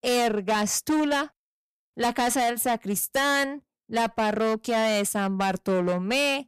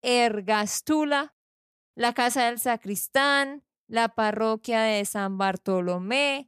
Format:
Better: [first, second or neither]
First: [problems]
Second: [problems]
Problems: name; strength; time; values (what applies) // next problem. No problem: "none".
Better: second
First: distortion; heavy; 16% of the sound clipped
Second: none